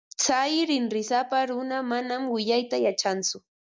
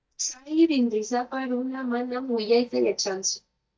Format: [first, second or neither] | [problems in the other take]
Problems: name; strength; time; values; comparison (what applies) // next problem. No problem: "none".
first | noise reduction (neural mask model DeepFilterNet 3)